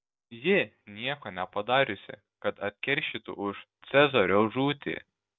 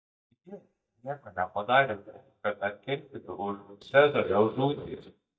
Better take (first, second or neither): first